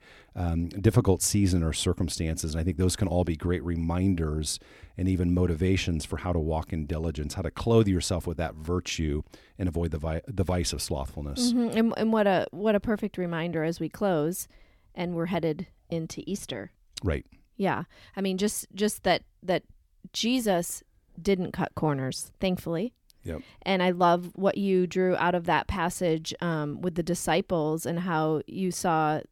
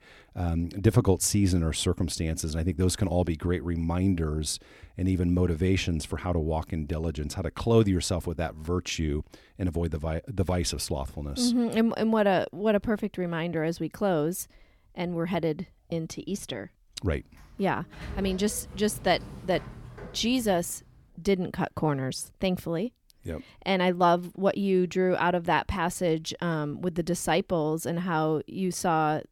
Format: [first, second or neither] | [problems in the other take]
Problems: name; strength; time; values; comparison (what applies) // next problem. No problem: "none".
first | door banging; faint; from 17 to 21 s; peak 10 dB below the speech